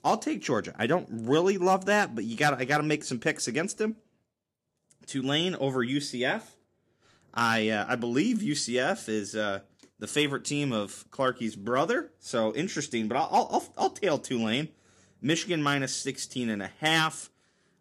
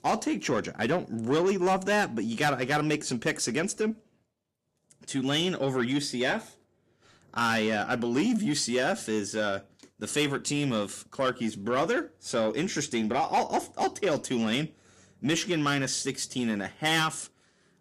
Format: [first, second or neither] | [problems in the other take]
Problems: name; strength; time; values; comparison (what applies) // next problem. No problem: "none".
first | distortion; slight; 10 dB below the speech